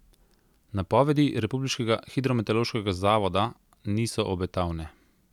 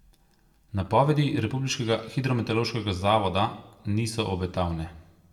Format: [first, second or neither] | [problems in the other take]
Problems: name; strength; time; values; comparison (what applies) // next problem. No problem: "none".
first | room echo; dies away in 0.7 s